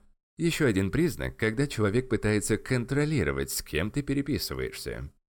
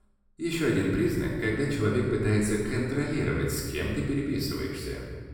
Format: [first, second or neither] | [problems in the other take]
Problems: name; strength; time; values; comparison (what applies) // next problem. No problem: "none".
first | off-mic speech; far // room echo; noticeable; dies away in 1.4 s